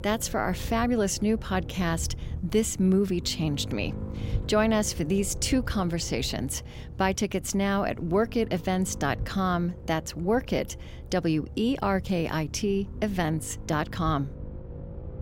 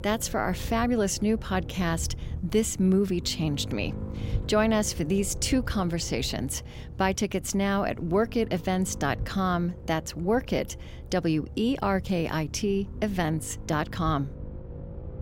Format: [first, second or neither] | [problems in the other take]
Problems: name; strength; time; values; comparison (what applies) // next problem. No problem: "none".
neither | low rumble; noticeable; throughout; 20 dB below the speech; the same in both